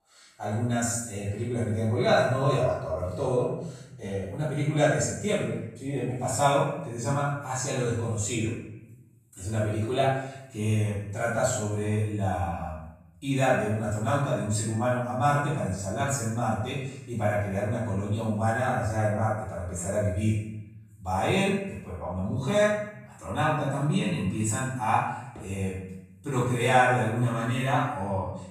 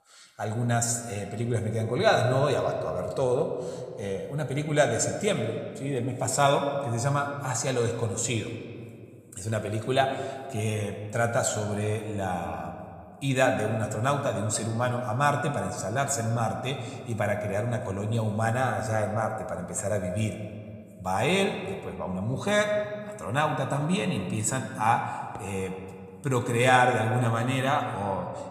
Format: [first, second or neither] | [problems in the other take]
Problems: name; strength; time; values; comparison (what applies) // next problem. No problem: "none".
second | room echo; strong; dies away in 0.8 s; slight in the second // off-mic speech; far